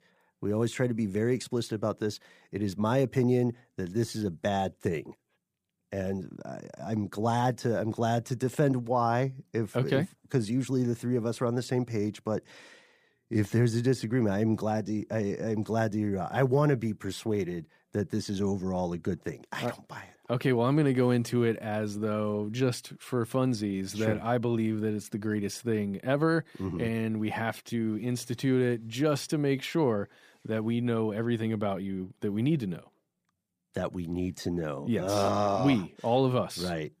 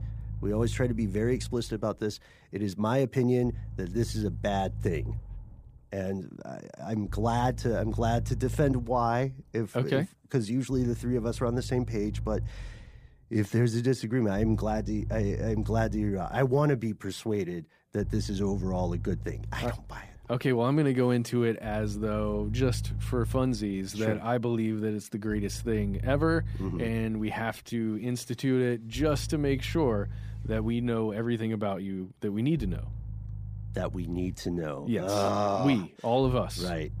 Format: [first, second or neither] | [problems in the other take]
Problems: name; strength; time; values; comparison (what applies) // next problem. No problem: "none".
first | low rumble; faint; throughout; 20 dB below the speech